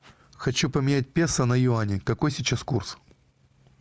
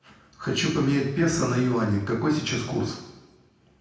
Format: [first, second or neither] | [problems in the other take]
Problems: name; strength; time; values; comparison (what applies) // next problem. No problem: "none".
first | room echo; dies away in 0.8 s